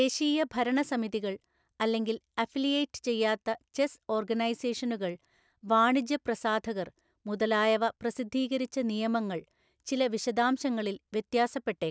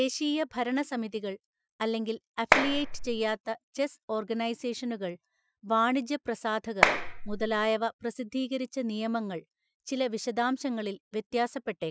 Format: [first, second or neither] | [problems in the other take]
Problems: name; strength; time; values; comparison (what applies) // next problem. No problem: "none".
first | noise reduction (classical method Wiener filter)